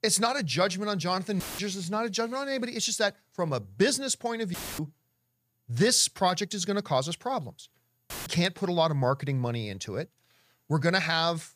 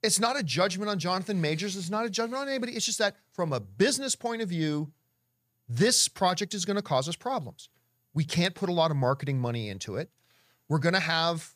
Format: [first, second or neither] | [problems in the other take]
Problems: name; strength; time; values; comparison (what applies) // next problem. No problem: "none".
second | audio cutting out; filled with static; at 1.5 s, at 4.5 s and at 8 s